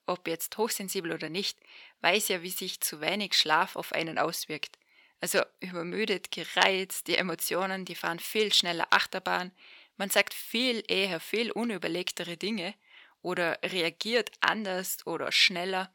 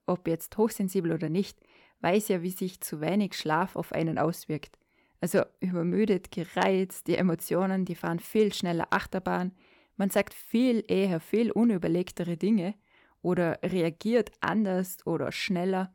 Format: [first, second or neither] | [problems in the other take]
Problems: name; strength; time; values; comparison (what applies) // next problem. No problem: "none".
second | thin; somewhat; fading below 1 kHz